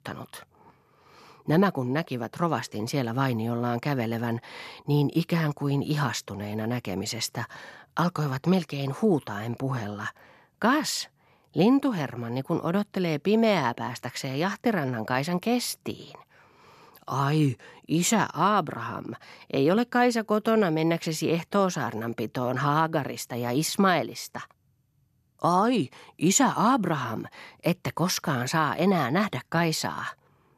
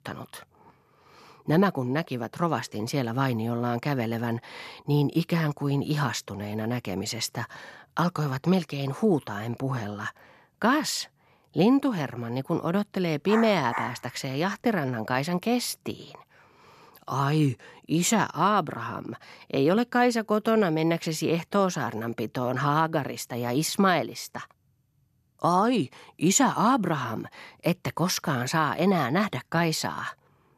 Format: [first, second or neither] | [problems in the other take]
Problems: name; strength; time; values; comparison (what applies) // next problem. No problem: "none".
first | dog barking; noticeable; at 13 s; peak 7 dB below the speech